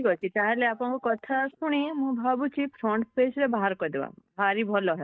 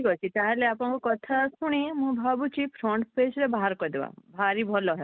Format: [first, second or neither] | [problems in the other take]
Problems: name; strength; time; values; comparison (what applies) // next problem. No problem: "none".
second | noise reduction (neural mask model DeepFilterNet 3)